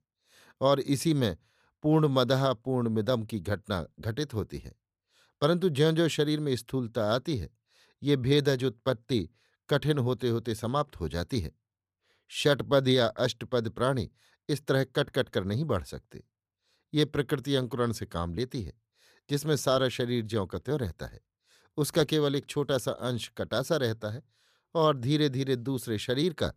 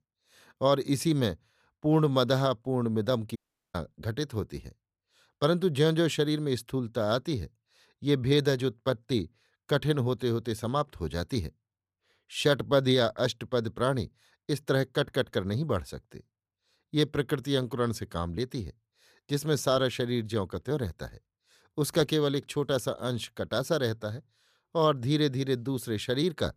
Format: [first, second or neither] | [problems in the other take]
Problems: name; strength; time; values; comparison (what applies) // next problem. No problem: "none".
first | audio cutting out; at 3.5 s